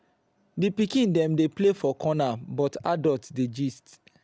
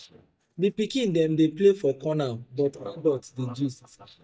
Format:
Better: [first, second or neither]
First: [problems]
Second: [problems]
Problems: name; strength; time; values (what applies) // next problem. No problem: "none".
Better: first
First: none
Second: noise reduction (neural mask model DeepFilterNet 3)